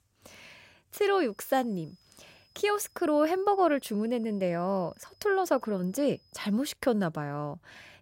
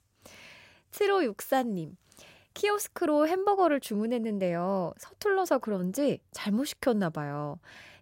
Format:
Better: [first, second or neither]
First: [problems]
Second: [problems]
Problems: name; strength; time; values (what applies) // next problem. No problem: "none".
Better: second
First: high-pitched whine; faint; from 1.5 to 6.5 s; 5 kHz, 35 dB below the speech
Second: none